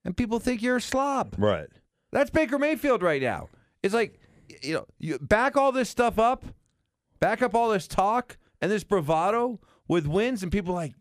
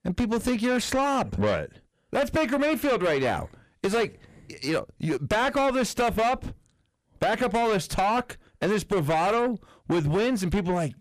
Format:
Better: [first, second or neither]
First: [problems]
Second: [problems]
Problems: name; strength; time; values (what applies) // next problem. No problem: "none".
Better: first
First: none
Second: distortion; heavy; 7 dB below the speech